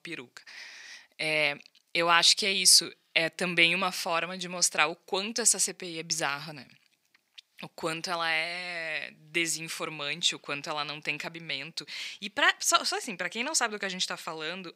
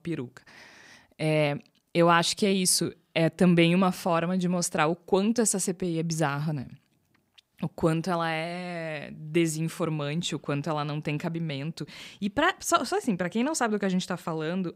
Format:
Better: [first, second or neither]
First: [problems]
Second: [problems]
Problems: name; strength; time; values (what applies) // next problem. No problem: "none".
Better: second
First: thin; somewhat; fading below 1 kHz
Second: none